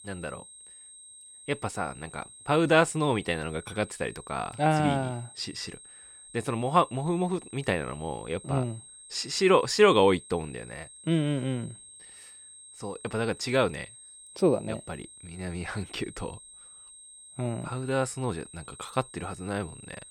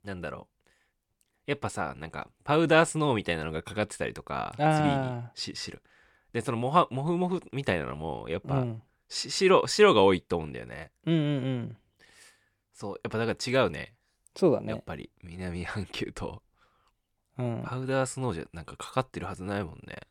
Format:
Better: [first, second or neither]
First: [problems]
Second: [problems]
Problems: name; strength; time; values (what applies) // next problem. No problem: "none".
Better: second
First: high-pitched whine; noticeable; throughout; 8.5 kHz, 20 dB below the speech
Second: none